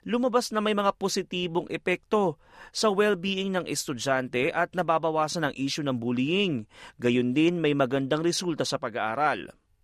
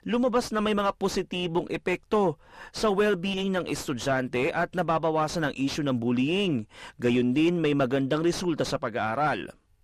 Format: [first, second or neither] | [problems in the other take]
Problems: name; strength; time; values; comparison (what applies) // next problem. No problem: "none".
first | distortion; slight; 10 dB below the speech